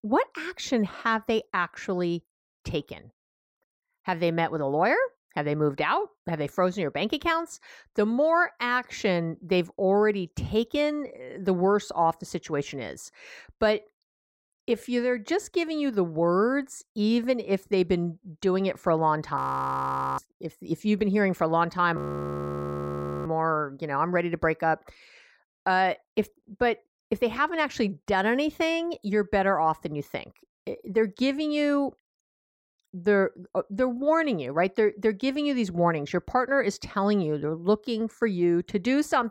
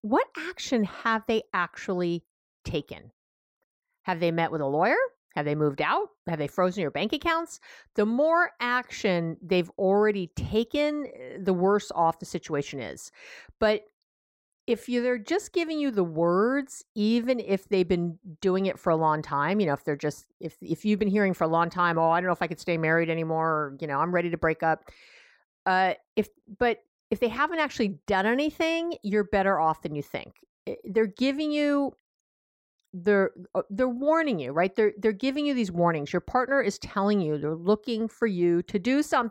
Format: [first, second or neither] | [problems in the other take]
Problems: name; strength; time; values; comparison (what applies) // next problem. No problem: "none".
second | audio freezing; at 19 s for 1 s and at 22 s for 1.5 s